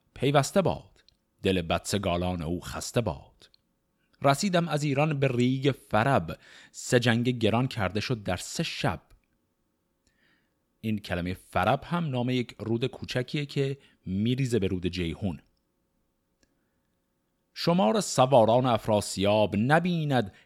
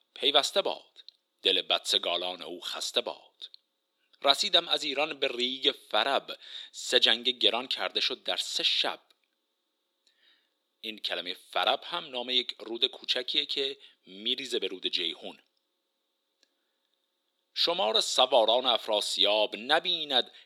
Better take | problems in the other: first | thin; very; fading below 350 Hz

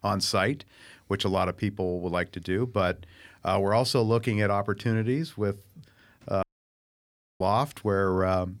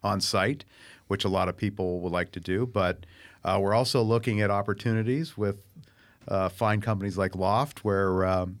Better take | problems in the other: second | audio cutting out; at 6.5 s for 1 s

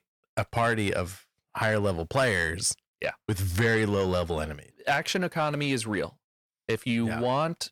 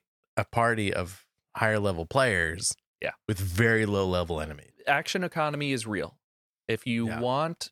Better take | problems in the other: second | distortion; slight; 10 dB below the speech

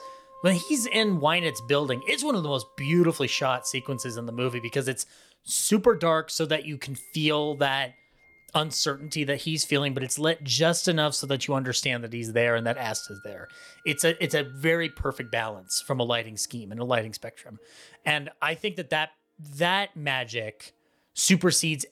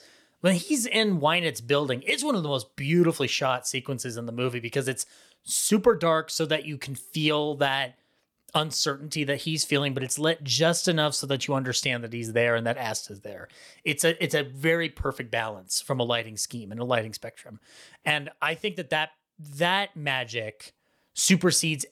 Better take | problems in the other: second | background music; faint; throughout; 25 dB below the speech

